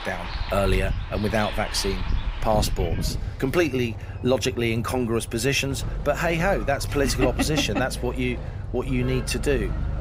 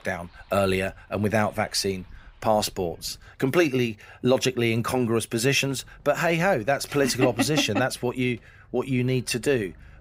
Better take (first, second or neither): second